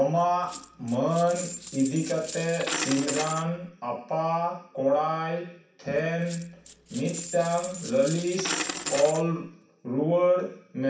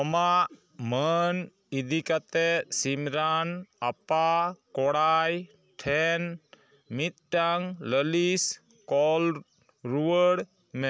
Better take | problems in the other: second | background sound (Coin (dropping)); 9 dB below the speech // room echo; dies away in 0.6 s

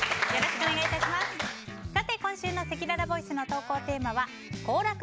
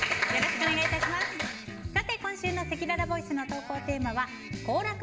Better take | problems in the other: first | room echo; dies away in 2.1 s

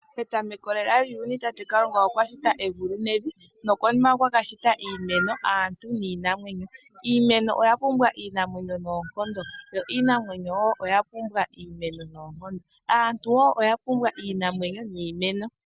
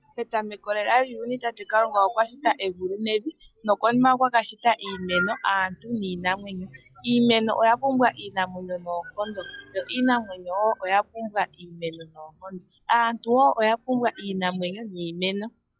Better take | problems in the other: first | noise reduction (classical method log-MMSE)

